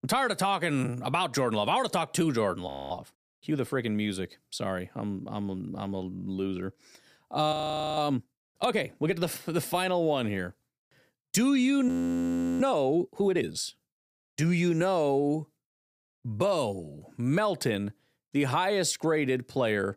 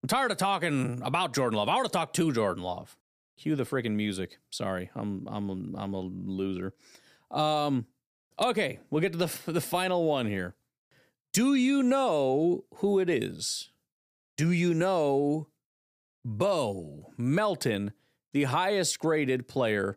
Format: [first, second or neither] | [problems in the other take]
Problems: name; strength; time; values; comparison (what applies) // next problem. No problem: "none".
second | audio freezing; at 2.5 s, at 7.5 s and at 12 s for 0.5 s